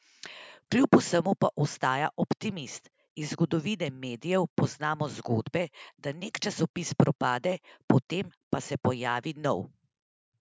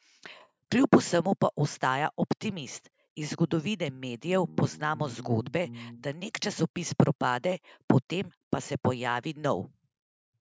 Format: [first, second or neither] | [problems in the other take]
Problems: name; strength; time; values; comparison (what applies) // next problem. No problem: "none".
first | noise reduction (neural mask model RNNoise)